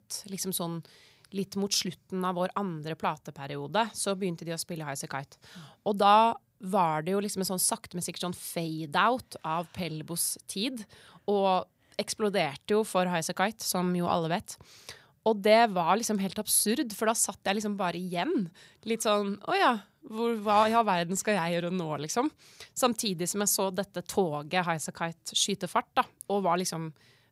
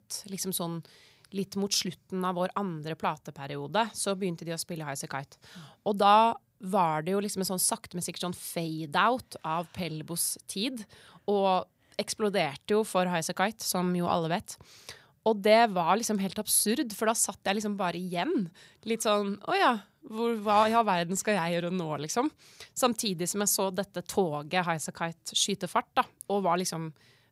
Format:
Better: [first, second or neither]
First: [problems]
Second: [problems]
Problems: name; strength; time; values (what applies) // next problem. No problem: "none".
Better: neither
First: none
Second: none